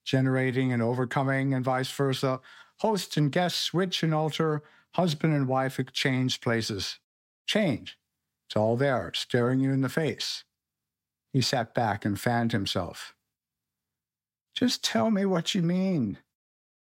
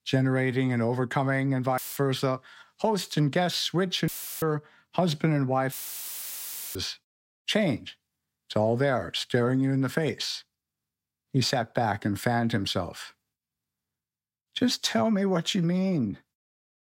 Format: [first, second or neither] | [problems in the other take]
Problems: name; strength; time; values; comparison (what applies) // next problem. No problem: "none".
first | audio cutting out; filled with static; at 2 s, at 4 s and at 5.5 s for 1 s